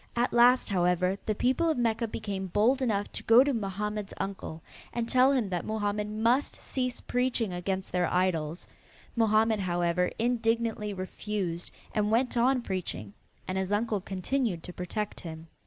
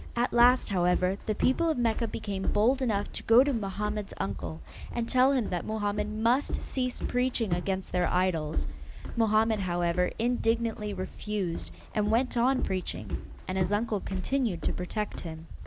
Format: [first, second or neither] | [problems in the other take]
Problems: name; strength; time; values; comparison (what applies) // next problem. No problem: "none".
first | background sound (Walk, footsteps); 5 dB below the speech